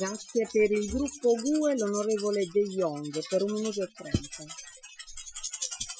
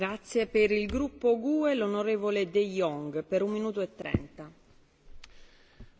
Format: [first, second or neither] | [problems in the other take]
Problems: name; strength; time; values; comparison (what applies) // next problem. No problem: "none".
second | noise reduction (classical method Wiener filter)